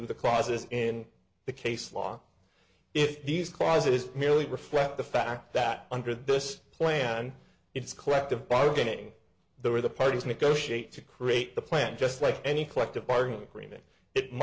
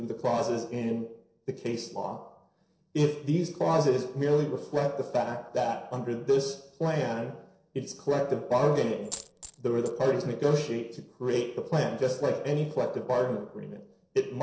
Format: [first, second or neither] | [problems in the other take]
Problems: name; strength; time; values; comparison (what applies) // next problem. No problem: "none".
first | noise reduction (neural separator model SepFormer DNS4)